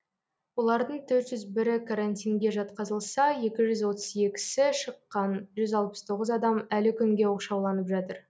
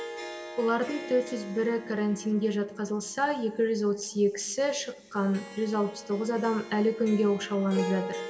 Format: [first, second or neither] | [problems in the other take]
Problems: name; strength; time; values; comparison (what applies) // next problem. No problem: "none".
first | background sound (Harp); 13 dB below the speech // room echo; dies away in 2.1 s